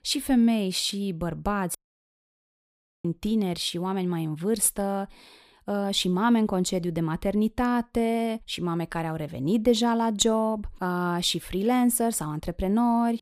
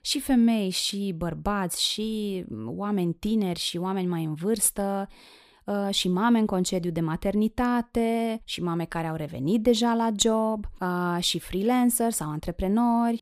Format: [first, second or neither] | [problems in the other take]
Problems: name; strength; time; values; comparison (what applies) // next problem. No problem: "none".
second | audio cutting out; at 2 s for 1.5 s